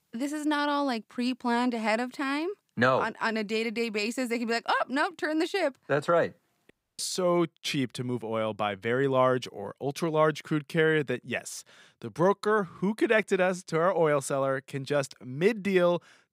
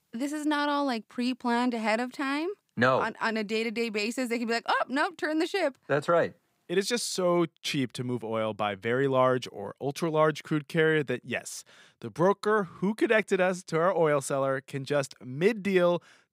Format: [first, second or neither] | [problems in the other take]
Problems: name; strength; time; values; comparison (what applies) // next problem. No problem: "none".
second | audio cutting out; at 6.5 s